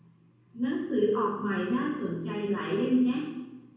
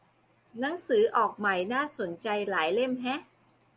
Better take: second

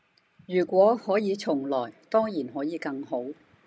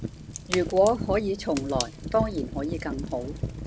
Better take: first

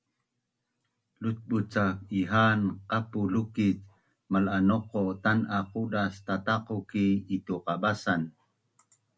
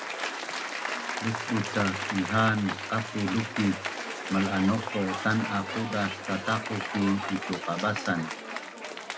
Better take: first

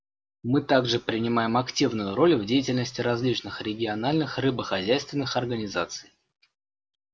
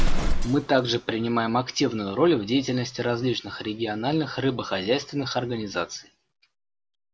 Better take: first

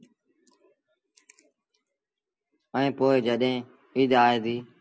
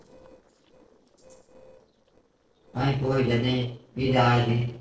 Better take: first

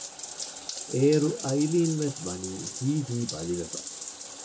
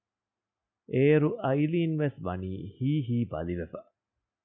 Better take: second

